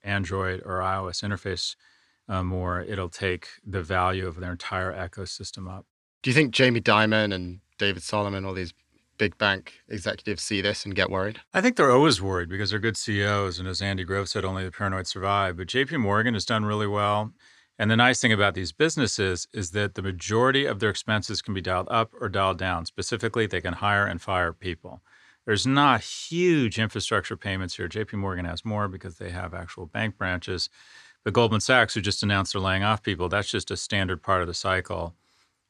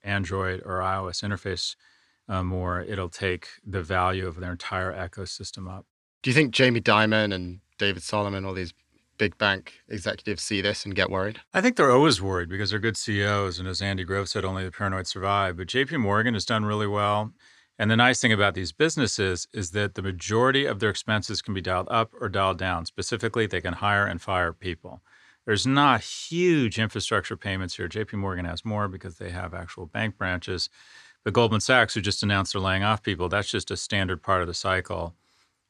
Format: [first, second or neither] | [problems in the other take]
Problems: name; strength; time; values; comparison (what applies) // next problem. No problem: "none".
neither | none